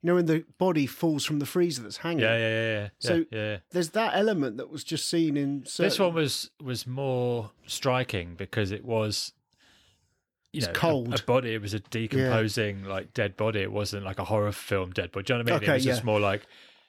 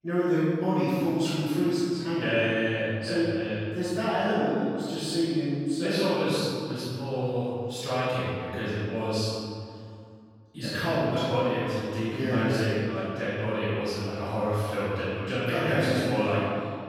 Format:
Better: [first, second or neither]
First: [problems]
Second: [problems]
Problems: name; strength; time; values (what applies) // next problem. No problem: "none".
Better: first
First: none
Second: off-mic speech; far // room echo; strong; dies away in 2.2 s